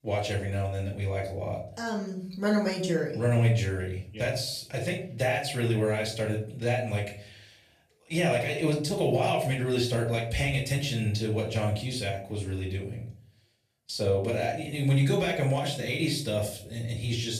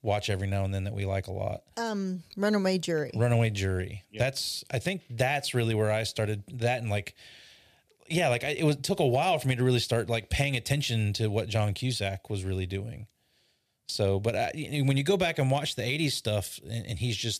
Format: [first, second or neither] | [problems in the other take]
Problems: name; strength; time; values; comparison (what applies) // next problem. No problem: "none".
second | off-mic speech; far // room echo; slight; dies away in 0.4 s